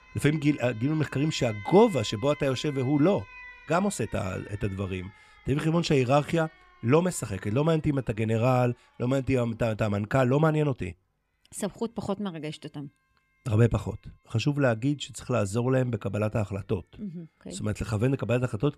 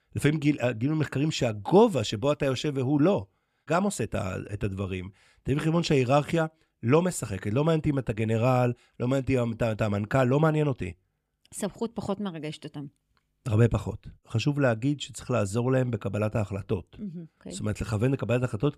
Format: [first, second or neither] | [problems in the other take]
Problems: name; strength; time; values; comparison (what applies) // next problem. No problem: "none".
second | alarms or sirens; faint; throughout; 20 dB below the speech